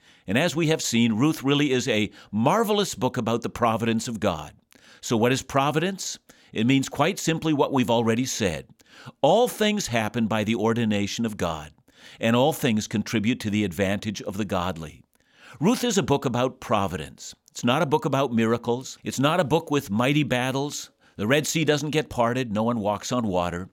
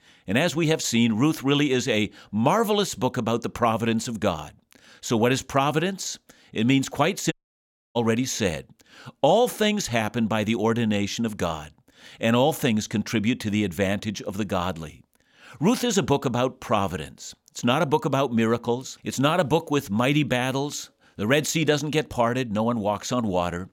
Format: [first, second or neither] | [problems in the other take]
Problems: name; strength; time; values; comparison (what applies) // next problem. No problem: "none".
first | audio cutting out; at 7.5 s for 0.5 s